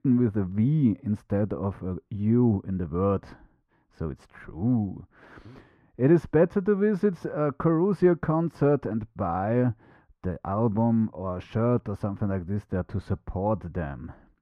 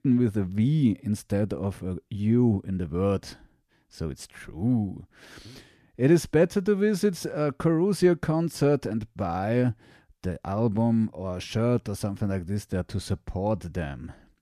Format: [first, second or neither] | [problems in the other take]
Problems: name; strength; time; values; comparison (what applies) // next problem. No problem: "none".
second | muffled; very; fading above 3 kHz